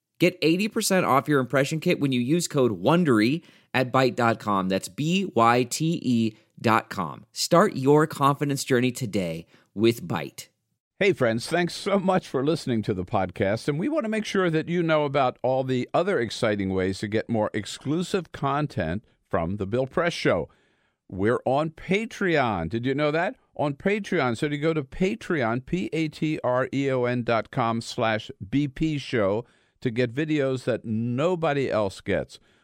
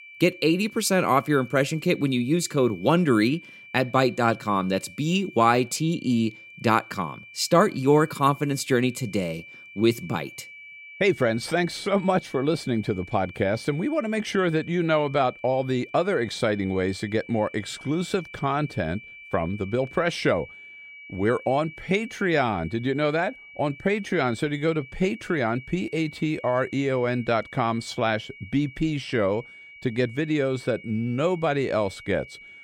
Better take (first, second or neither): first